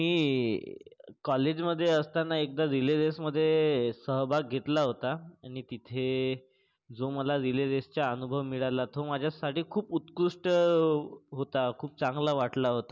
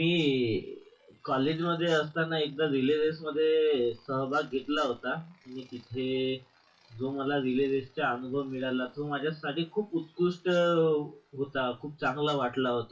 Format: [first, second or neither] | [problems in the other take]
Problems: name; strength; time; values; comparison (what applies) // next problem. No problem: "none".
first | noise reduction (classical method WPE with log-MMSE)